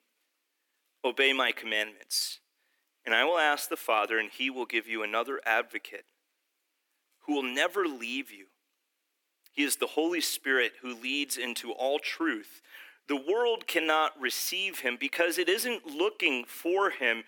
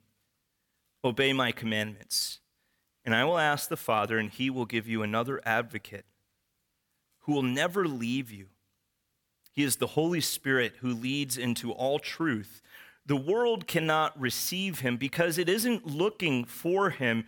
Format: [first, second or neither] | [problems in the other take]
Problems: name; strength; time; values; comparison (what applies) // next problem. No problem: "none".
second | thin; somewhat; fading below 300 Hz